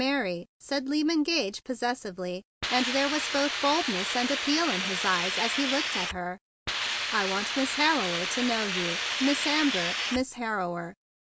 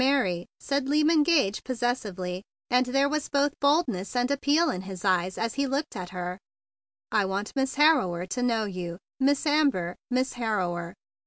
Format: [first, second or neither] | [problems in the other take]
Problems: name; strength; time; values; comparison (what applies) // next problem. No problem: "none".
second | background sound (Hiss); 1 dB below the speech